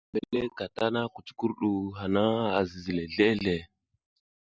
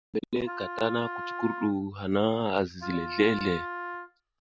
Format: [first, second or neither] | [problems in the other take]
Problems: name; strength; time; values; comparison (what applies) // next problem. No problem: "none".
first | background sound (Wind instrument, woodwind instrument); 8 dB below the speech